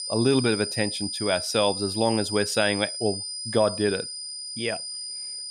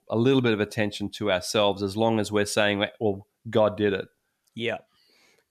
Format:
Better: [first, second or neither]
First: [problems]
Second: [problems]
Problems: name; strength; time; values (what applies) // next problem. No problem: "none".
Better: second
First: high-pitched whine; loud; throughout; 5 kHz, 5 dB below the speech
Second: none